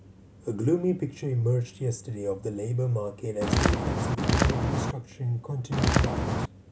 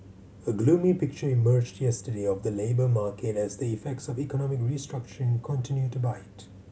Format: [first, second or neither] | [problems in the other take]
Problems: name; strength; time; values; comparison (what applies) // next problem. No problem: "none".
second | background sound (Walk, footsteps); 5 dB above the speech